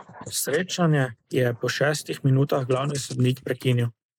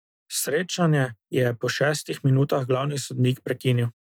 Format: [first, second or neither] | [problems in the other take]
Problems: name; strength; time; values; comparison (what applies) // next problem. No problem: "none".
second | noise reduction (neural mask model Resemble Enhance denoiser)